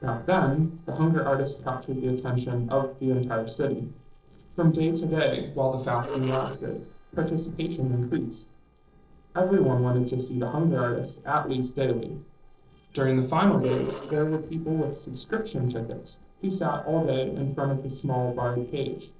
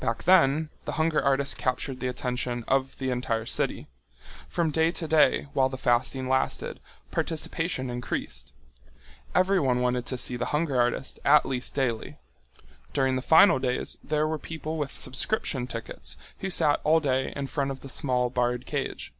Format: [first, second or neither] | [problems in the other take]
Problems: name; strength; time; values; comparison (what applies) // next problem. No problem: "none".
second | noise reduction (neural separator model SepFormer DNS4)